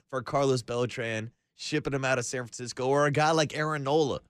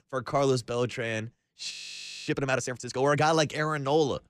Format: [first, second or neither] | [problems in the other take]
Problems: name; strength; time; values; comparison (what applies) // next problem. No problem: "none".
first | audio freezing; at 1.5 s for 0.5 s